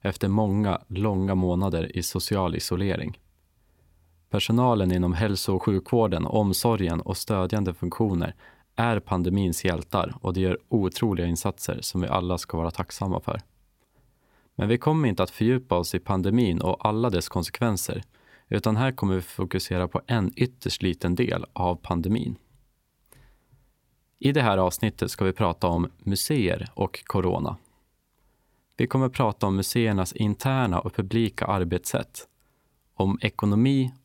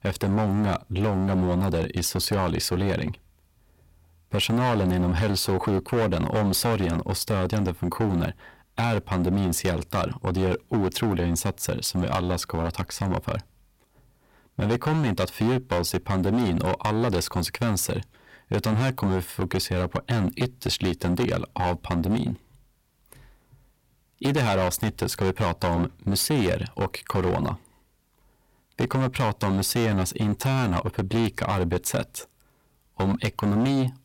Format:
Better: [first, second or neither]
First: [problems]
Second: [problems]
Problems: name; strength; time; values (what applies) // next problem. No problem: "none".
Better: first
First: none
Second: distortion; heavy; 14% of the sound clipped